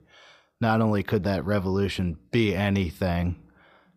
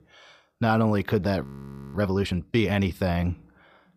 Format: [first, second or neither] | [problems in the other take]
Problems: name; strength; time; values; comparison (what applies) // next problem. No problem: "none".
first | audio freezing; at 1.5 s for 0.5 s